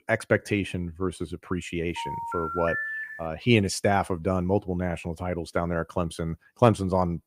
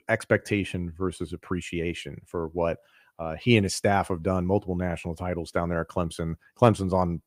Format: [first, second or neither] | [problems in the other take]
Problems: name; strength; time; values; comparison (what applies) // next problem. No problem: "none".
second | phone ringing; noticeable; from 2 to 3 s; peak 2 dB below the speech